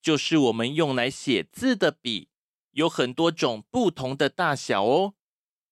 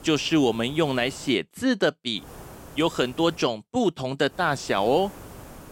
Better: first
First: none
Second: hiss; faint; until 1.5 s, from 2 to 3.5 s and from 4.5 s on; 20 dB below the speech

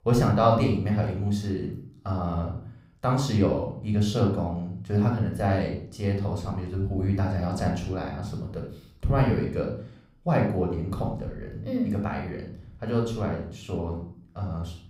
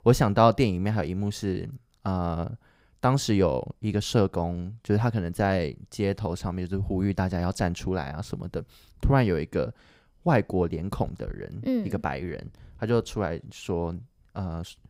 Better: second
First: off-mic speech; somewhat distant // room echo; noticeable; dies away in 0.5 s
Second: none

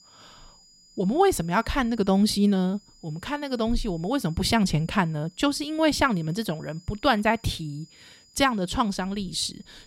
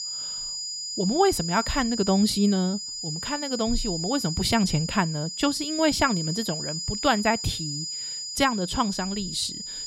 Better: first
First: high-pitched whine; faint; throughout; 5 kHz, 30 dB below the speech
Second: high-pitched whine; loud; throughout; 5 kHz, 5 dB below the speech

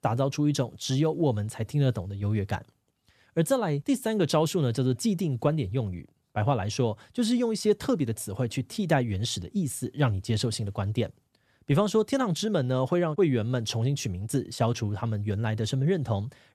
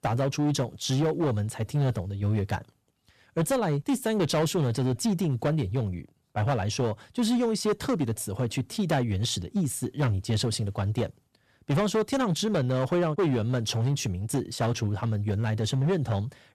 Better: first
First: none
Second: distortion; slight; 11% of the sound clipped

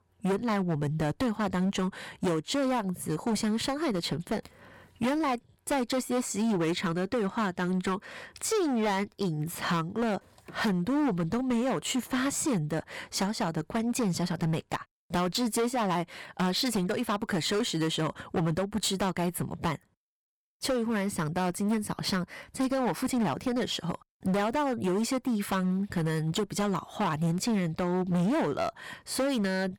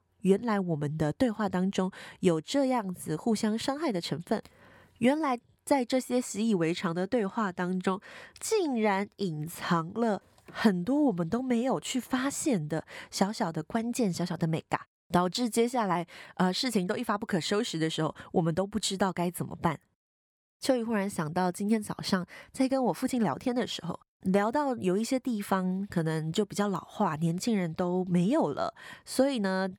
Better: second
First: distortion; heavy; 16% of the sound clipped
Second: none

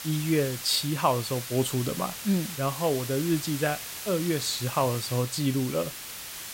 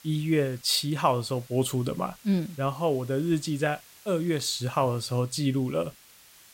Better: second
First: hiss; loud; throughout; 8 dB below the speech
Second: hiss; faint; throughout; 25 dB below the speech

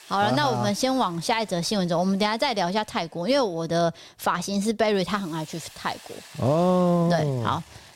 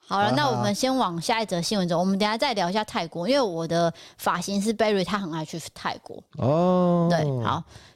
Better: second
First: hiss; faint; throughout; 25 dB below the speech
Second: none

